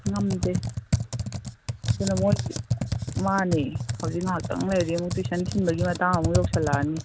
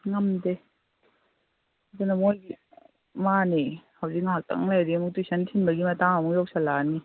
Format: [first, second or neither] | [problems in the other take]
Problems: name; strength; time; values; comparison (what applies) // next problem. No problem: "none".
second | background sound (Computer keyboard); 1 dB below the speech